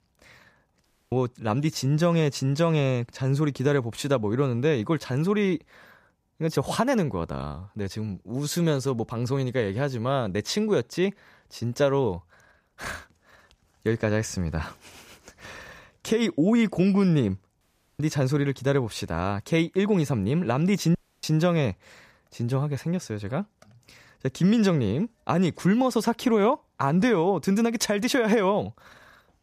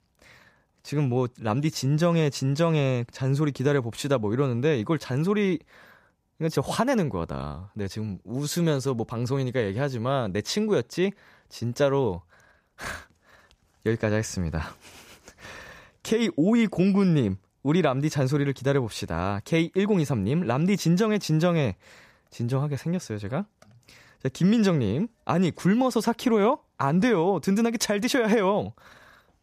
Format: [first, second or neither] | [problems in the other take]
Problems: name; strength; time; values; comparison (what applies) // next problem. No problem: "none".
second | audio cutting out; at 1 s, at 18 s and at 21 s